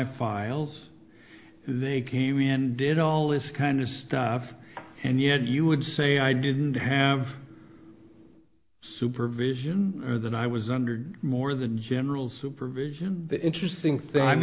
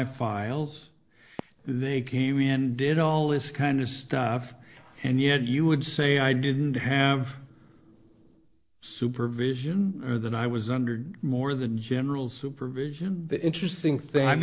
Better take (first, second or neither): first